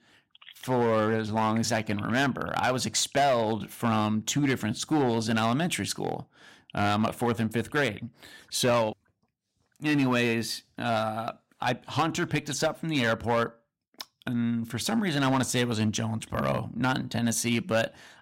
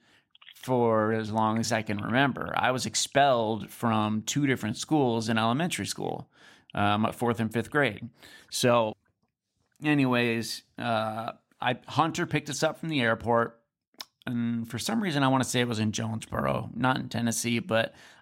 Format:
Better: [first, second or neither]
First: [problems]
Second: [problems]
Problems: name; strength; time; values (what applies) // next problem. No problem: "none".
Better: second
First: distortion; slight; 5% of the sound clipped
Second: none